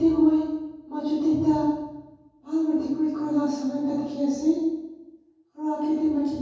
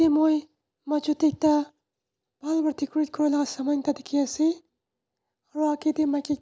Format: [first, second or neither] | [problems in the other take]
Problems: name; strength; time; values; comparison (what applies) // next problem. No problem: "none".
second | room echo; dies away in 1.3 s